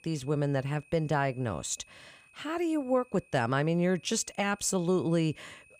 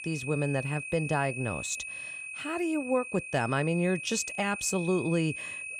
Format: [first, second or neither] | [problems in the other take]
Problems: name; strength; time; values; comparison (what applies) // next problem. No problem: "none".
first | high-pitched whine; loud; throughout; 2.5 kHz, 7 dB below the speech; faint in the first